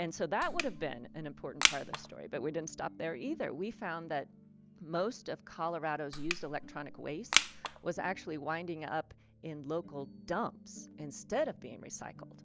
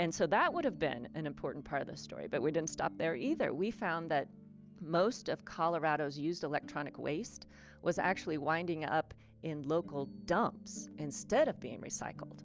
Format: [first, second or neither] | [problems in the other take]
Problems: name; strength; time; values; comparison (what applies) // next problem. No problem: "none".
second | background sound (Crushing); 3 dB above the speech